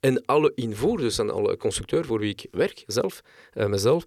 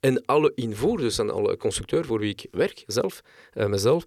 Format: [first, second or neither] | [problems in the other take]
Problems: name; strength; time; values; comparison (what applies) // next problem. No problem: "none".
neither | none